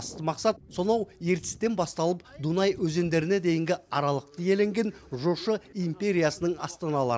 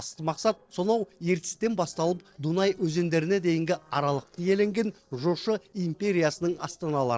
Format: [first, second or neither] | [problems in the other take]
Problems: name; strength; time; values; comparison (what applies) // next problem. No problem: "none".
first | noise reduction (neural separator model SepFormer DNS4)